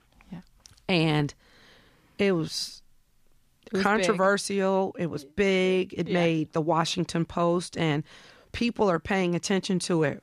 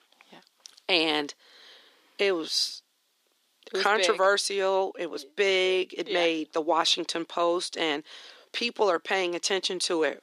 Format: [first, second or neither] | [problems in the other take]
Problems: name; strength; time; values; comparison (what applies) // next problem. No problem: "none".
first | thin; very; fading below 350 Hz